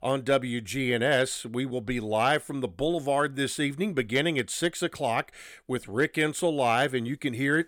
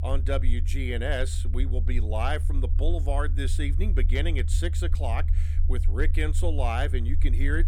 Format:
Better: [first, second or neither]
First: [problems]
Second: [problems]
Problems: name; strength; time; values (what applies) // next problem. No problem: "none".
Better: first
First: none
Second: low rumble; noticeable; throughout; 15 dB below the speech